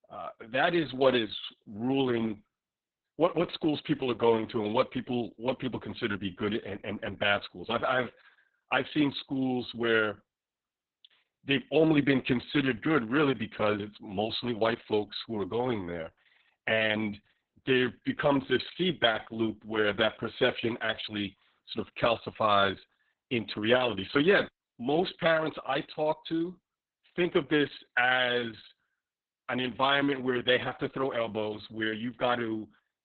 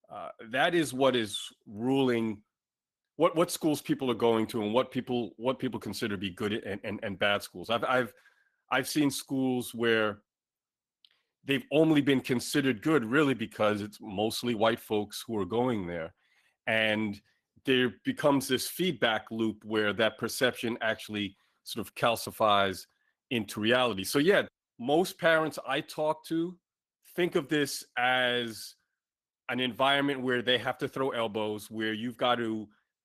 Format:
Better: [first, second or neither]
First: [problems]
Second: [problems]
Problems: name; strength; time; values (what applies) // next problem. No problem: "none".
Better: second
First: garbled, watery; badly; nothing above 4 kHz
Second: garbled, watery; slightly; nothing above 14 kHz